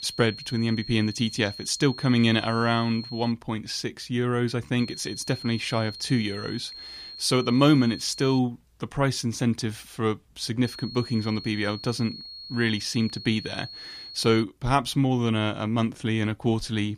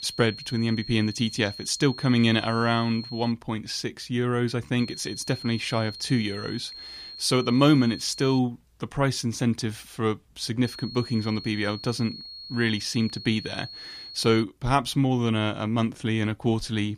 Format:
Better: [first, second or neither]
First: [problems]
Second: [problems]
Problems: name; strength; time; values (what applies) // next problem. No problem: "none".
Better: neither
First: high-pitched whine; noticeable; until 3.5 s, from 5 to 8.5 s and from 11 to 14 s; 4 kHz, 15 dB below the speech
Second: high-pitched whine; noticeable; until 3.5 s, from 5 to 8.5 s and from 11 to 14 s; 4 kHz, 15 dB below the speech